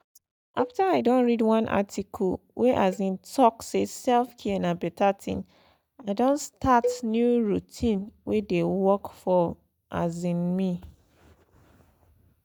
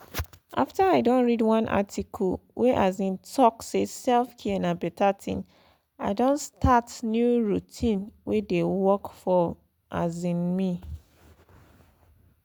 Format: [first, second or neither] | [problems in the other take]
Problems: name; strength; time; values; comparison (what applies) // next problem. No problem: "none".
second | noise reduction (neural mask model DeepFilterNet 3)